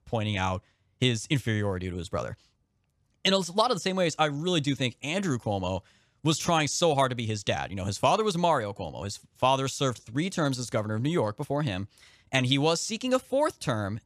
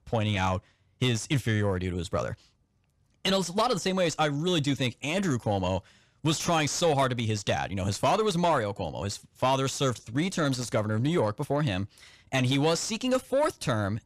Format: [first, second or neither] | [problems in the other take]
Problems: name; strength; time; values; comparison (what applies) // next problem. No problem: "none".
first | distortion; slight; 10 dB below the speech